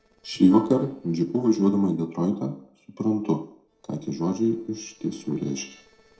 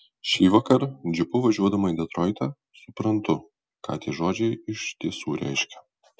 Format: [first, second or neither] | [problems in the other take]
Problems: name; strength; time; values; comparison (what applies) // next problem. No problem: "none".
second | noise reduction (neural separator model SepFormer DNS4)